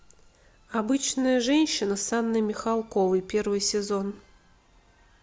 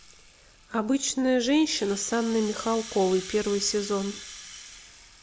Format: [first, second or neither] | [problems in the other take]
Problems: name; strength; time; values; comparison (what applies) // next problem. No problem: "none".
first | background sound (Rattle (instrument)); 16 dB below the speech